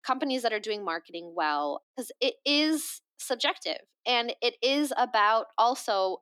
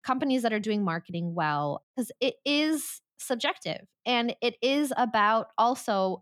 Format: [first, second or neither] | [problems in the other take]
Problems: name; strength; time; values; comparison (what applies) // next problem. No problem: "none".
second | thin; very slightly; fading below 300 Hz